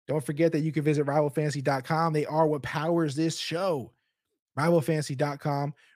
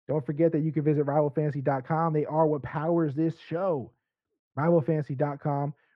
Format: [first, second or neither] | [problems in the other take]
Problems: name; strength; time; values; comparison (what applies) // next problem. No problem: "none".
first | muffled; very; fading above 3.5 kHz